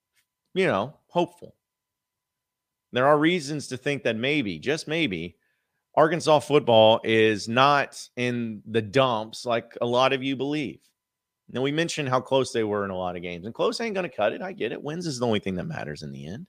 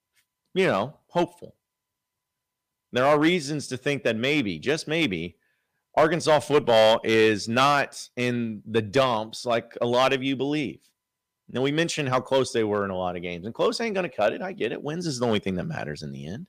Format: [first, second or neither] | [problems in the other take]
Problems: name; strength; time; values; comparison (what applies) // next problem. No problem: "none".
first | distortion; slight; 1.7% of the sound clipped